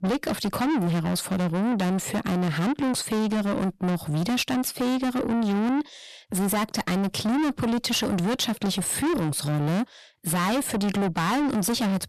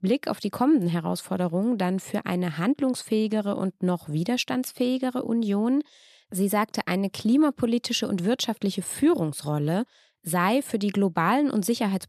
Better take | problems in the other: second | distortion; heavy; 6 dB below the speech

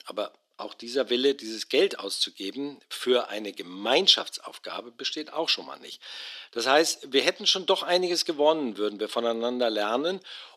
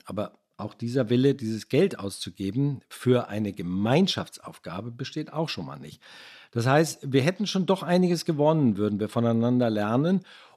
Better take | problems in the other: second | thin; somewhat; fading below 350 Hz

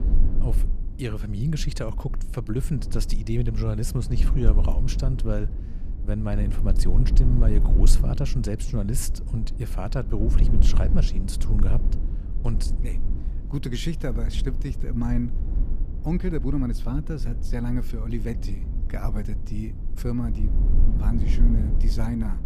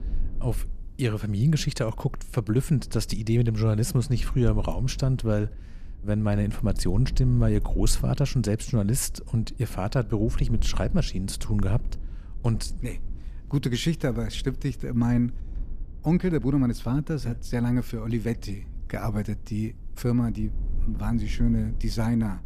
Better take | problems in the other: second | low rumble; loud; throughout; 8 dB below the speech; faint in the second

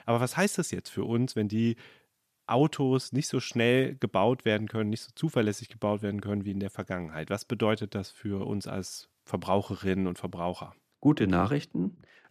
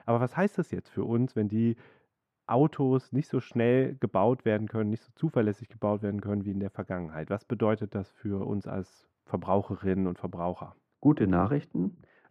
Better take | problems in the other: first | muffled; very; fading above 2.5 kHz

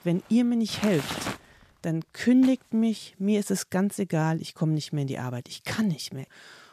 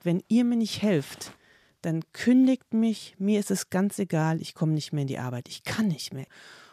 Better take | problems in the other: second | household noises; loud; throughout; 10 dB below the speech; faint in the second

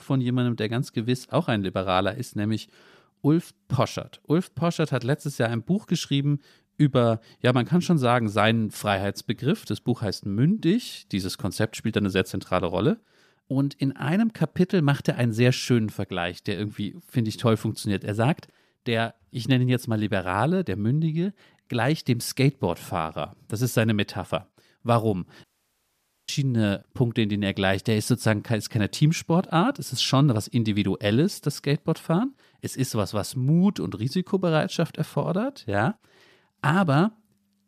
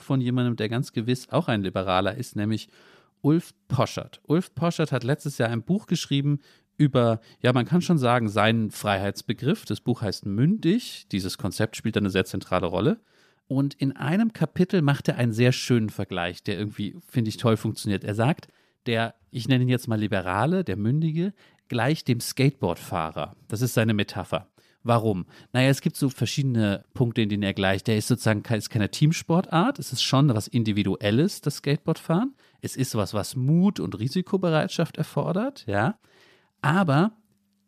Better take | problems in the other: second | audio cutting out; at 25 s for 1 s

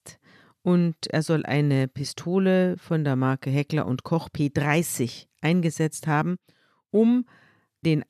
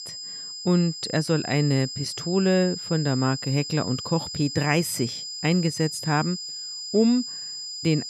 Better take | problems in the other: first | high-pitched whine; loud; throughout; 5 kHz, 7 dB below the speech

